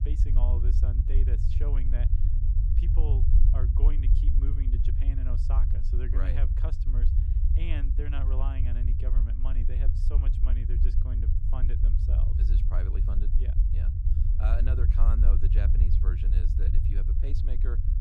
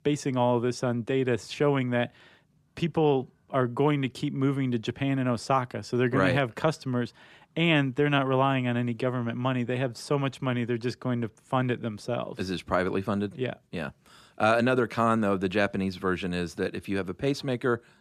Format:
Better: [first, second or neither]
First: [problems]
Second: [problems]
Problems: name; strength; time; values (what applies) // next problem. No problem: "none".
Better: second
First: low rumble; loud; throughout; 1 dB below the speech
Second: none